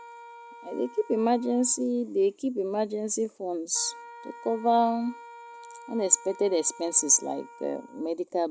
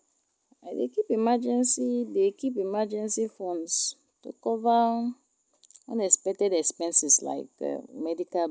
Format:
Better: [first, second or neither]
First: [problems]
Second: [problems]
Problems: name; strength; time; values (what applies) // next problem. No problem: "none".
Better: second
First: background sound (Wind instrument, woodwind instrument); 20 dB below the speech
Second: none